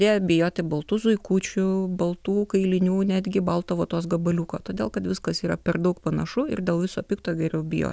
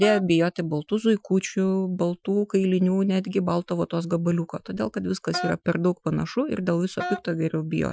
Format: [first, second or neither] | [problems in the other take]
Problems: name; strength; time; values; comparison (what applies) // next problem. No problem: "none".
first | noise reduction (classical method Wiener filter)